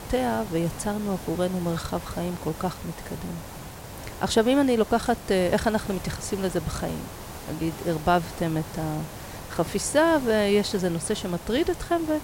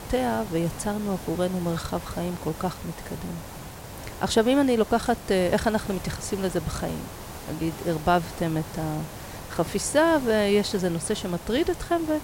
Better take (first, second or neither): neither